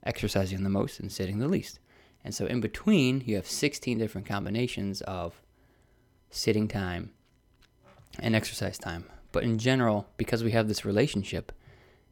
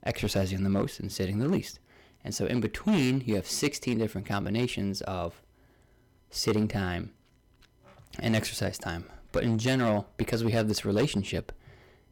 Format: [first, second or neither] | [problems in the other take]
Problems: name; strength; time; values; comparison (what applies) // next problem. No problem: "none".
first | distortion; slight; 4% of the sound clipped